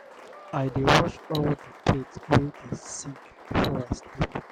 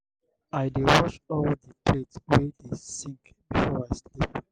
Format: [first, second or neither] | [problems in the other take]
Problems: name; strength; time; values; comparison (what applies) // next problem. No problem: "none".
second | background sound (Applause + Cutlery, silverware); 18 dB below the speech